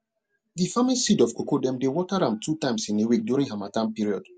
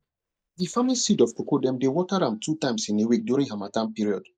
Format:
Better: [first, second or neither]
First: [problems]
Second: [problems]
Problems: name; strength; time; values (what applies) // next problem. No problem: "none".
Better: first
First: none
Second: noise reduction (neural mask model DeepFilterNet 3)